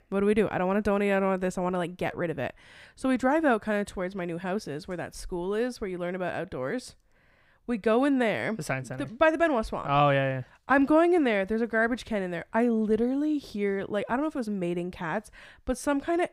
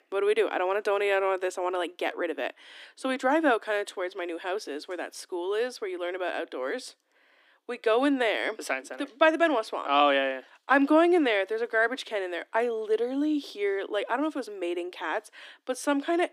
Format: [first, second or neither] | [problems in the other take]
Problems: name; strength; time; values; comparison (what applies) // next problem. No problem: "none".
first | thin; very slightly; fading below 300 Hz